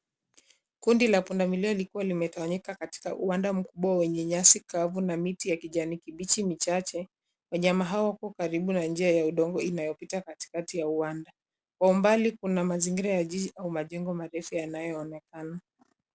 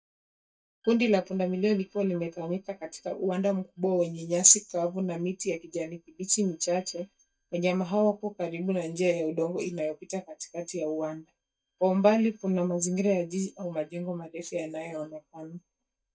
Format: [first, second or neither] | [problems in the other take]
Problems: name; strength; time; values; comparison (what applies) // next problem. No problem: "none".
first | noise reduction (neural mask model DeepFilterNet 3)